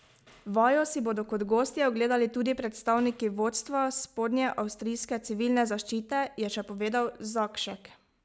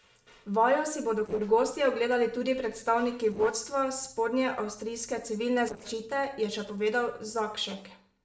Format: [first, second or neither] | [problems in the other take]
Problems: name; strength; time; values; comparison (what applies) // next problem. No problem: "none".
first | noise reduction (neural separator model SepFormer DNS4)